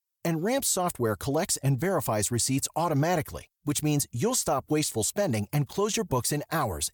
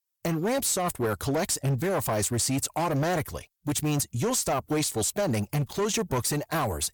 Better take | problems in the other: first | distortion; slight; 16% of the sound clipped

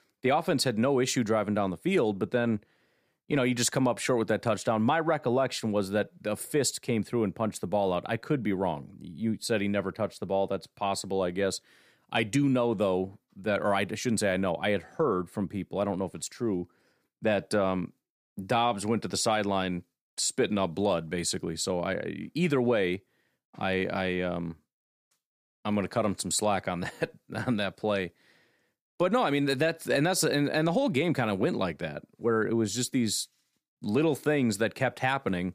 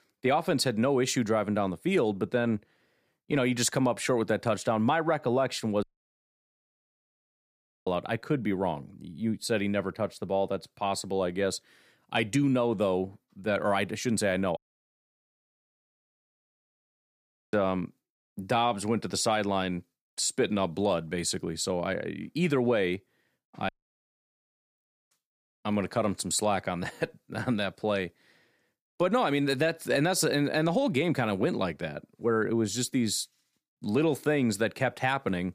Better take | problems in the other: first | audio cutting out; at 6 s for 2 s, at 15 s for 3 s and at 24 s for 1 s

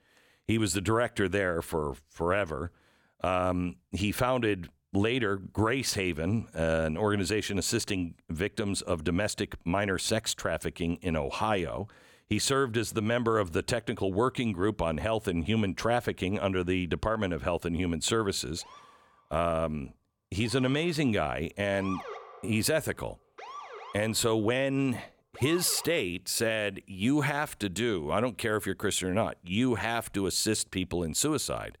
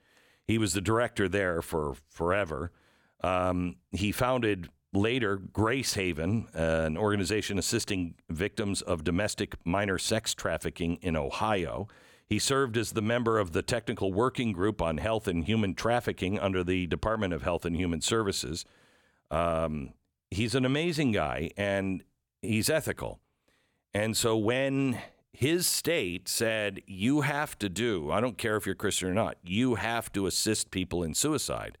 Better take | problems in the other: second | siren; noticeable; from 19 to 26 s; peak 10 dB below the speech

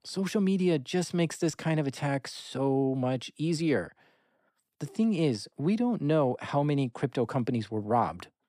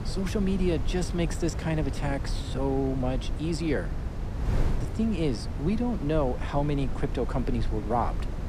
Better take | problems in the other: first | wind noise on the microphone; occasional gusts; 10 dB below the speech

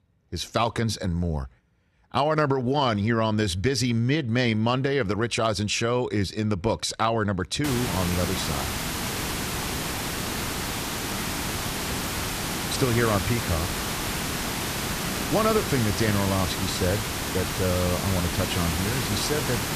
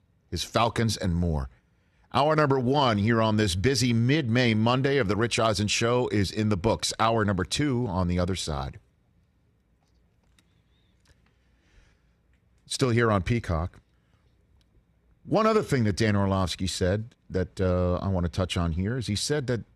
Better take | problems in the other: second | hiss; loud; from 7.5 s on; 2 dB below the speech

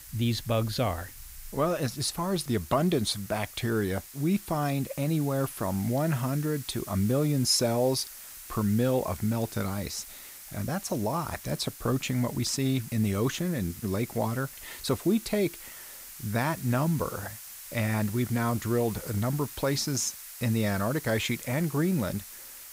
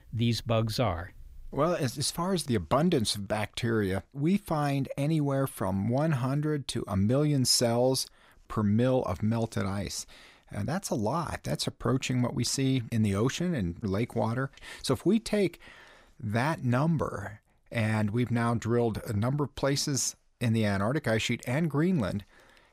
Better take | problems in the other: second | hiss; noticeable; throughout; 15 dB below the speech

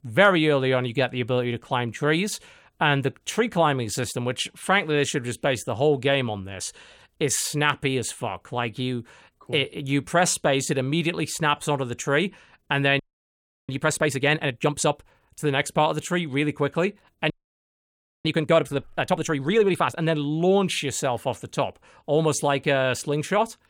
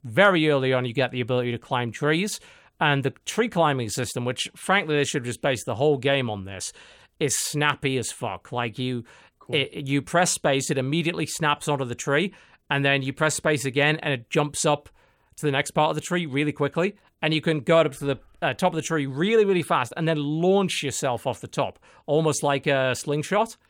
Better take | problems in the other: second | audio freezing; at 13 s for 0.5 s and at 17 s for 1 s

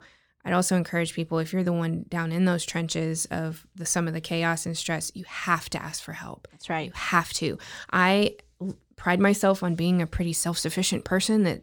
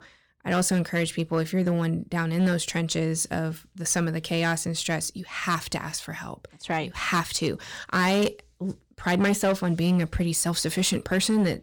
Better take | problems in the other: first | distortion; slight; 5% of the sound clipped

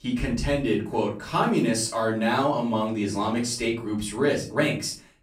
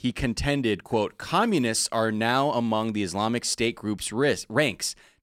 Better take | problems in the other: second | off-mic speech; far // room echo; slight; dies away in 0.4 s

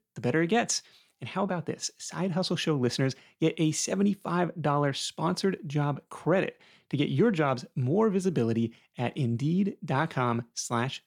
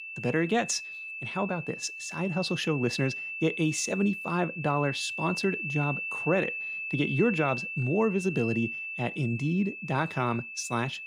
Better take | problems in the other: first | high-pitched whine; loud; throughout; 2.5 kHz, 5 dB below the speech

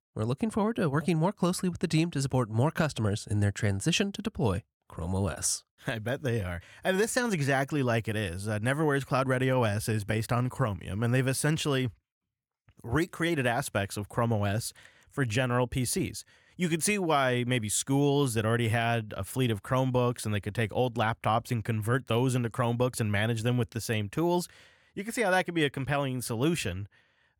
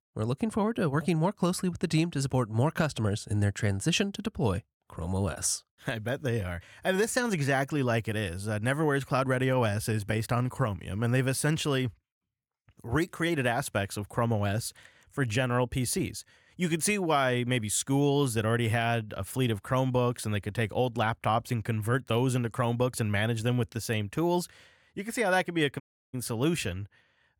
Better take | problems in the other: first | audio cutting out; at 26 s

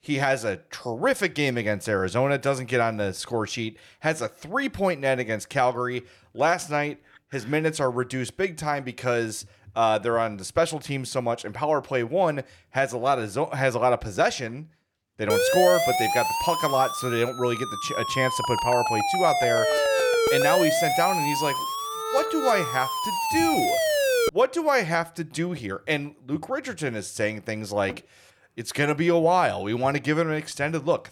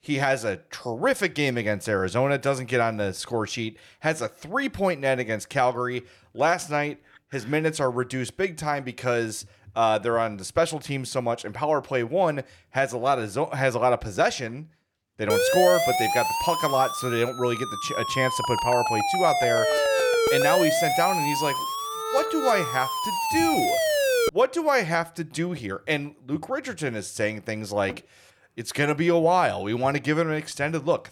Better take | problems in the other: neither | siren; loud; from 15 to 24 s; peak 5 dB above the speech; the same in both

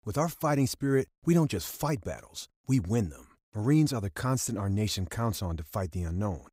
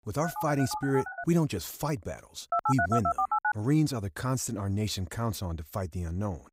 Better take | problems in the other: first | phone ringing; noticeable; until 1 s; peak 5 dB below the speech // phone ringing; loud; from 2.5 to 3.5 s; peak 3 dB above the speech

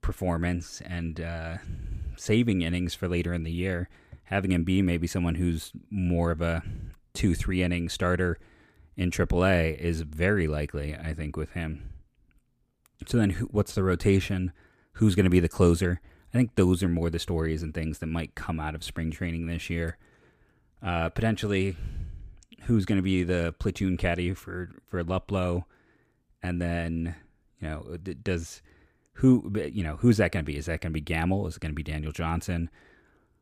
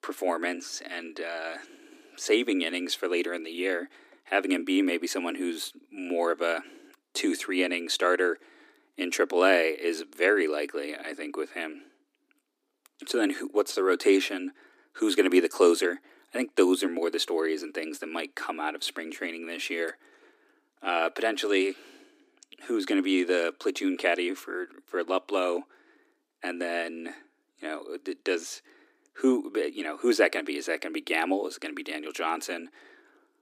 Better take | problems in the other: first | thin; somewhat; fading below 300 Hz

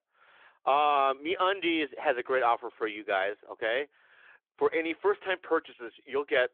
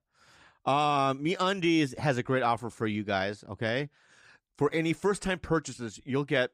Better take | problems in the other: second | phone-call audio; nothing above 3.5 kHz

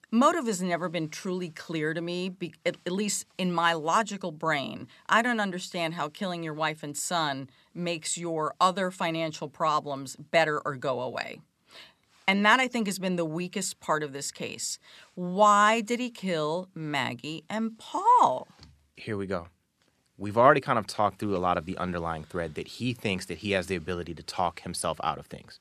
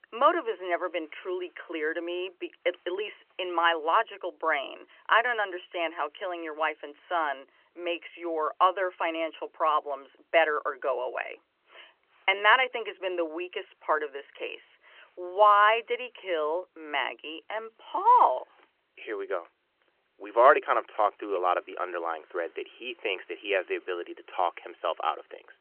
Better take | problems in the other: first | phone-call audio; nothing above 3 kHz

